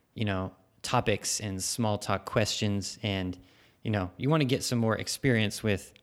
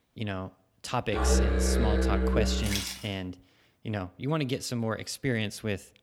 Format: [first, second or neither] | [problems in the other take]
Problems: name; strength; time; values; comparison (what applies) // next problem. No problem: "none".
first | background music; very faint; until 2.5 s; 5 dB above the speech